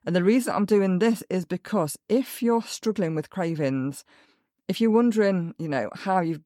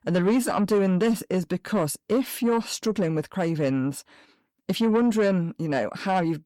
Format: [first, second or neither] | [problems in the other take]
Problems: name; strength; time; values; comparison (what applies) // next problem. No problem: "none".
first | distortion; slight; 10 dB below the speech